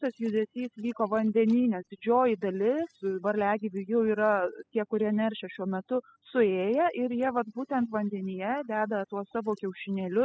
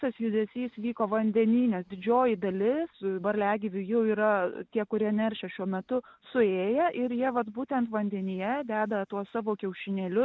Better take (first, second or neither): second